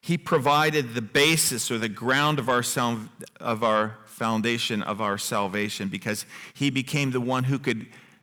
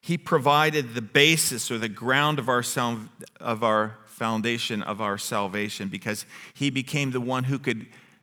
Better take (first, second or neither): second